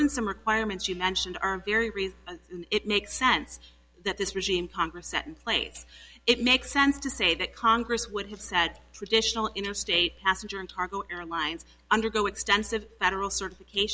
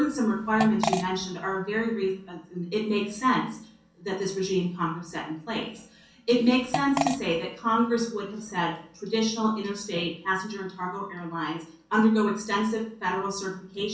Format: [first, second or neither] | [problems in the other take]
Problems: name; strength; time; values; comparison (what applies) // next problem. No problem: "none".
first | background sound (Fart); 4 dB below the speech // room echo; dies away in 0.6 s